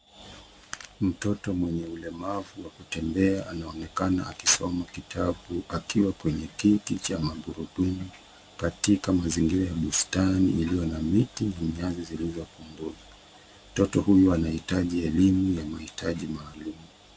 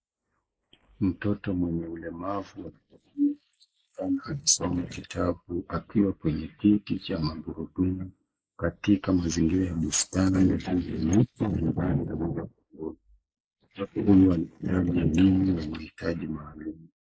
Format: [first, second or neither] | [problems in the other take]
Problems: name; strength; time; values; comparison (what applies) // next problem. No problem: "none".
first | noise reduction (neural mask model Resemble Enhance denoiser)